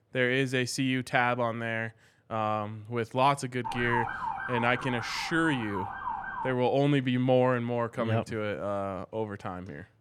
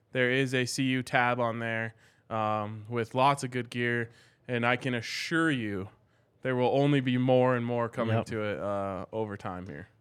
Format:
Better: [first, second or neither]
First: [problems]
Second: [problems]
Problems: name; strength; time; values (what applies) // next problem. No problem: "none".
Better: second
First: siren; noticeable; from 3.5 to 6.5 s; peak 3 dB below the speech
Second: none